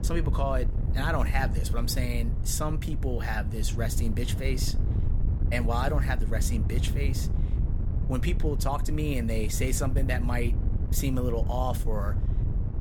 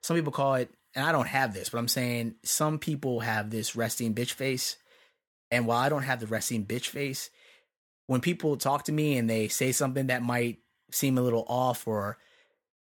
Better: second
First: wind noise on the microphone; occasional gusts; 10 dB below the speech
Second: none

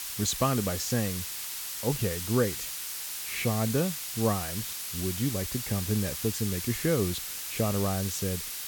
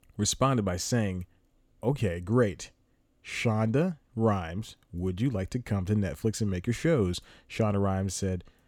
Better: second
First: hiss; loud; throughout; 3 dB below the speech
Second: none

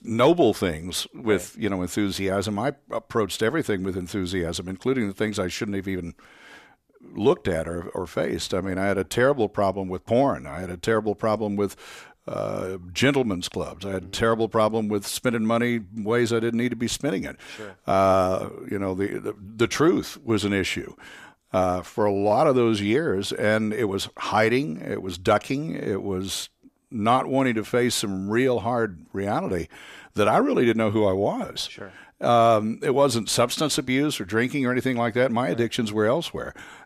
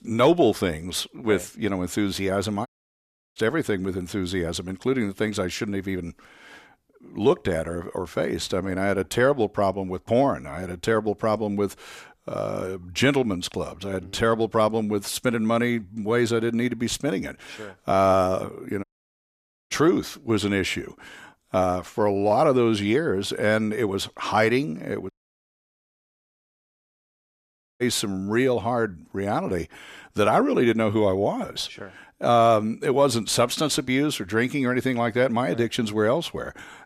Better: first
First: none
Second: audio cutting out; at 2.5 s for 0.5 s, at 19 s for 1 s and at 25 s for 2.5 s

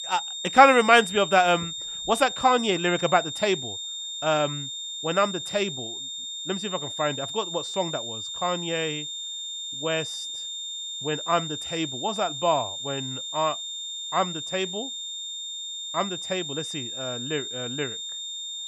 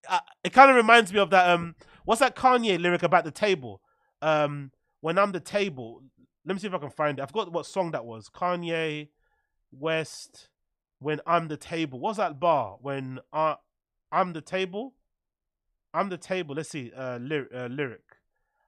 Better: second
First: high-pitched whine; loud; throughout; 3.5 kHz, 6 dB below the speech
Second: none

